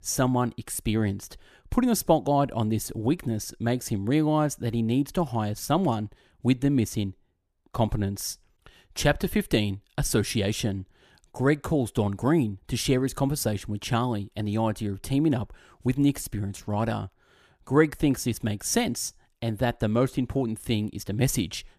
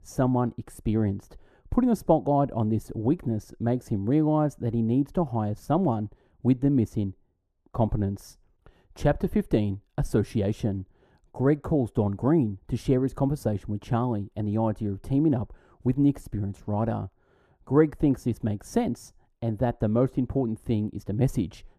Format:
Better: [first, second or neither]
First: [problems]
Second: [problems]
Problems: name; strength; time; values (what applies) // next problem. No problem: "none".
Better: first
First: none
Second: muffled; very; fading above 1.5 kHz